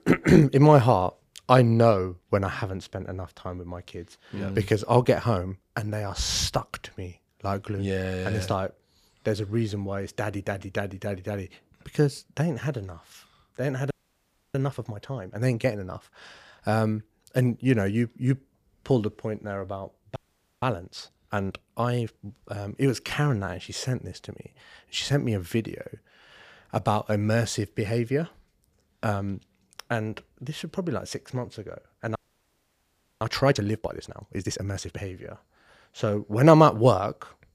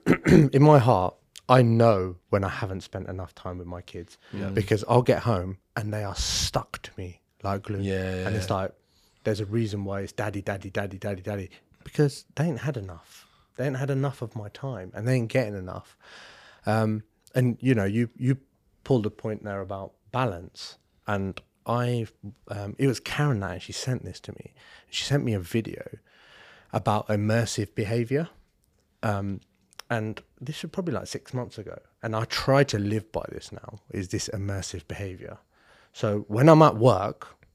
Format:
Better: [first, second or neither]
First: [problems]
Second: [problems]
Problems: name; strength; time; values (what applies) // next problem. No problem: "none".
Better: second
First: audio freezing; at 14 s for 0.5 s, at 20 s and at 32 s for 1 s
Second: none